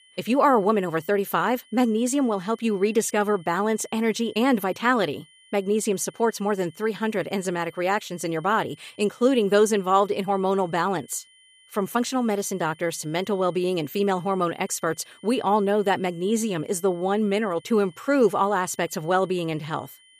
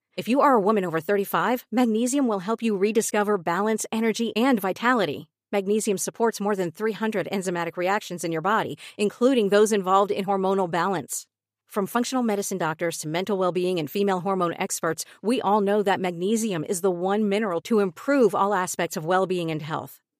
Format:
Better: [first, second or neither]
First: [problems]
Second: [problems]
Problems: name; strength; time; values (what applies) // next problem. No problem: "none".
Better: second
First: high-pitched whine; faint; throughout; 3 kHz, 30 dB below the speech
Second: none